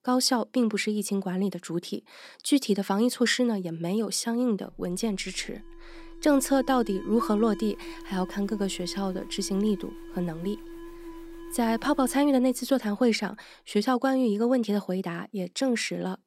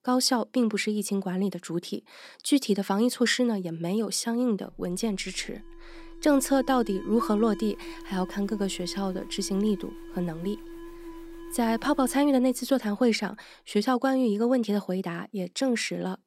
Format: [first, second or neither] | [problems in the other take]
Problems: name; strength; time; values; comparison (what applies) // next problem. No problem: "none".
neither | alarm; faint; from 4.5 to 13 s; peak 10 dB below the speech; the same in both